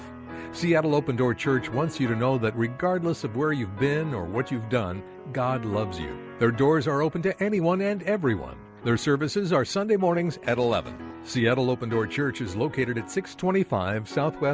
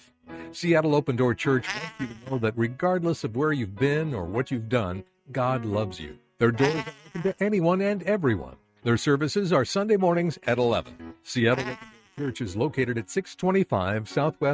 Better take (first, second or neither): first